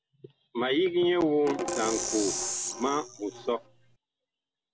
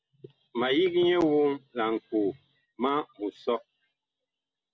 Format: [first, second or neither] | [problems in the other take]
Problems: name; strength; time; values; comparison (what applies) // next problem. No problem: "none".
second | background sound (Percussion); 4 dB below the speech